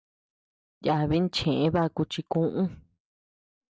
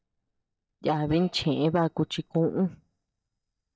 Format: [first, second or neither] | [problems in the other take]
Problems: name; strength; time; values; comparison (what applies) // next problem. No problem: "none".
first | noise reduction (neural mask model DeepFilterNet 3)